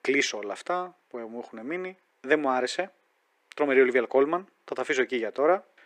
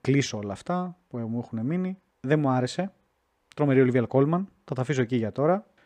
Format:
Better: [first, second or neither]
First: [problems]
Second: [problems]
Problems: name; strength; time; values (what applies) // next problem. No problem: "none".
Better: second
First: thin; somewhat; fading below 350 Hz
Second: none